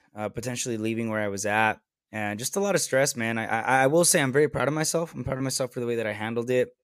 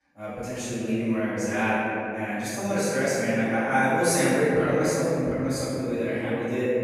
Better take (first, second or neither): first